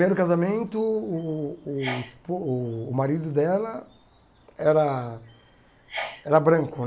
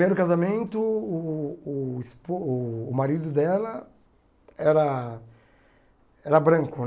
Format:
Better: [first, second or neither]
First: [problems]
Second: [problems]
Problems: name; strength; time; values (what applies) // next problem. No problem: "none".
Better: second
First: background sound (Sneeze); 18 dB below the speech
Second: none